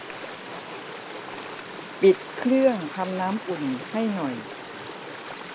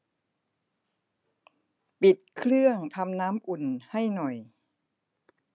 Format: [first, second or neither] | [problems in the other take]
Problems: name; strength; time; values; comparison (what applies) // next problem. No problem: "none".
second | background sound (Stream); 10 dB below the speech